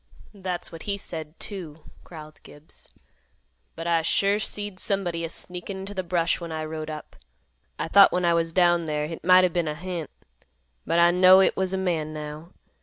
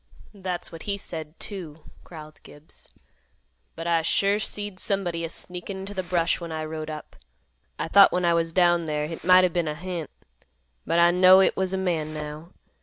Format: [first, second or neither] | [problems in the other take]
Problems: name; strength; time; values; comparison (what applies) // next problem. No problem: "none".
first | background sound (Thump, thud); 17 dB below the speech